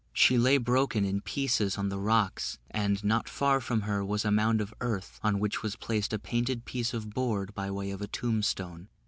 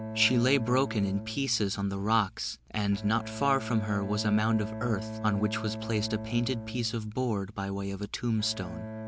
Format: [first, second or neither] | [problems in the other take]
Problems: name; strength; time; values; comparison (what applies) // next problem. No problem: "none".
first | background sound (Bowed string instrument); 10 dB below the speech